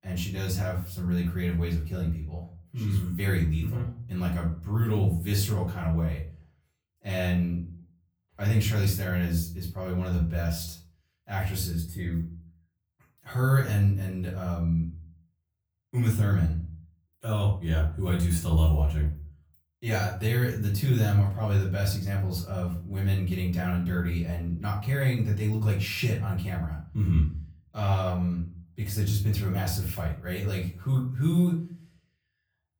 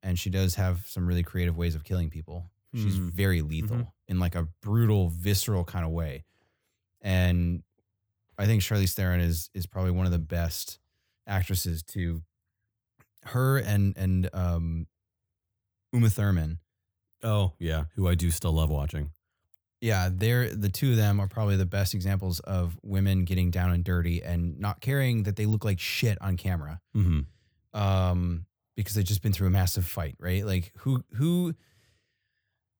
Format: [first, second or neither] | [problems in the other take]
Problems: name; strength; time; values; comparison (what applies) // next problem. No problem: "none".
second | room echo; slight; dies away in 0.3 s // off-mic speech; far